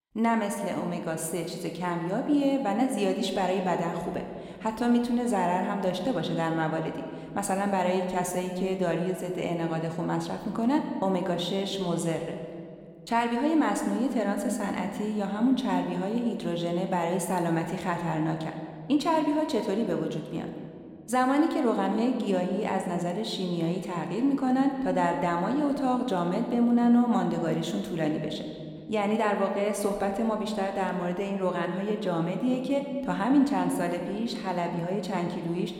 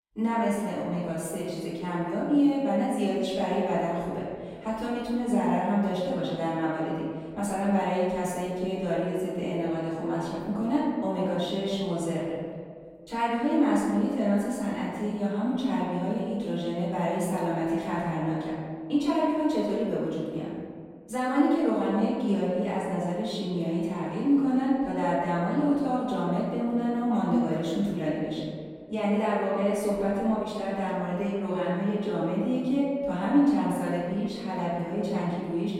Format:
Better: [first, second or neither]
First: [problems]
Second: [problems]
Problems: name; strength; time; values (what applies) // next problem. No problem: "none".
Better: first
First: room echo; slight; dies away in 1.6 s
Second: room echo; strong; dies away in 1.8 s // off-mic speech; far